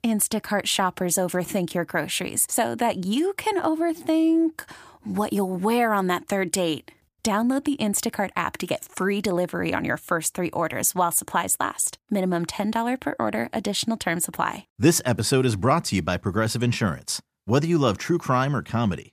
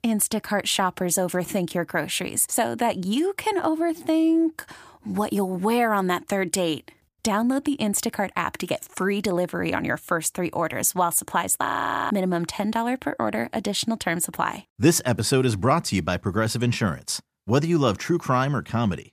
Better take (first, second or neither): first